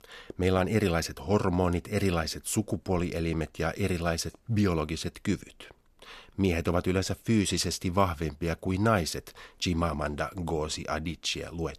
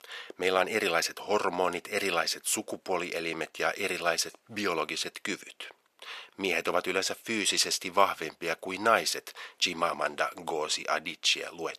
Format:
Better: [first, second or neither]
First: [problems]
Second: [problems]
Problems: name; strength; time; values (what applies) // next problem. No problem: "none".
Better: first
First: none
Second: thin; very; fading below 500 Hz